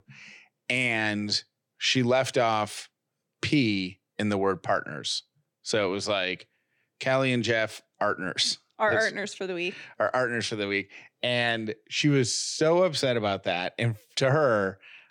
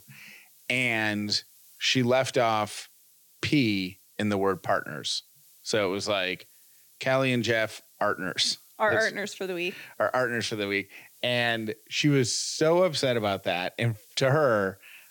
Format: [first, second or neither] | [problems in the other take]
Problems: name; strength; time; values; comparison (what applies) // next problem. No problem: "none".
first | hiss; faint; throughout; 25 dB below the speech